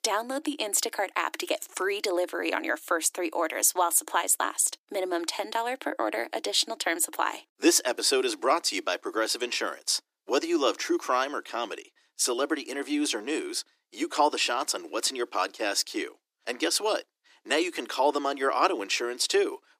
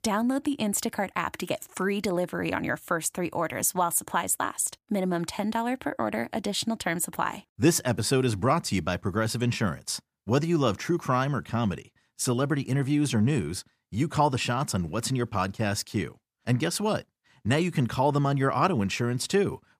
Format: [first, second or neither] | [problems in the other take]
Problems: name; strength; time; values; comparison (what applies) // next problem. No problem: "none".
second | thin; somewhat; fading below 300 Hz